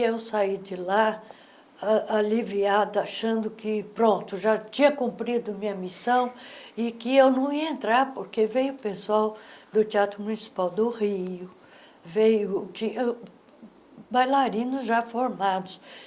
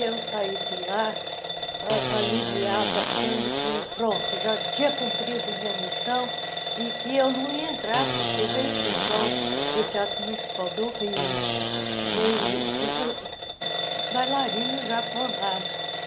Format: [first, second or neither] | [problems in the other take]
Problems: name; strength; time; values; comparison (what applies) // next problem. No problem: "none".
first | background sound (Fart + Alarm / Bell); 1 dB above the speech